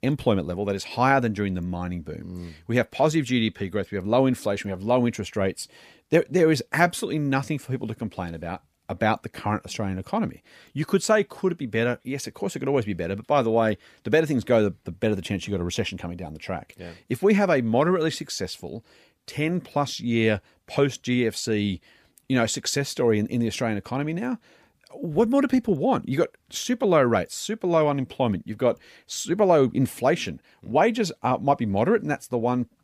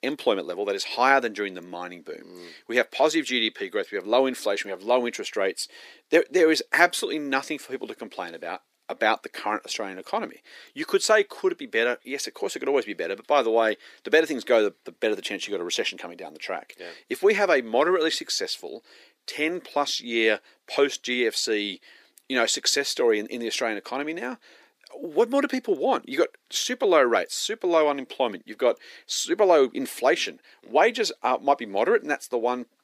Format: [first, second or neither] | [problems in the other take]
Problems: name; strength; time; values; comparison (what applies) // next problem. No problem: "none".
first | thin; somewhat; fading below 350 Hz